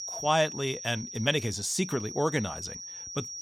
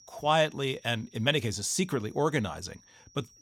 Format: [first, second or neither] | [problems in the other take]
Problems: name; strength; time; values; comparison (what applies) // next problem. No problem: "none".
second | high-pitched whine; loud; throughout; 6 kHz, 9 dB below the speech; faint in the second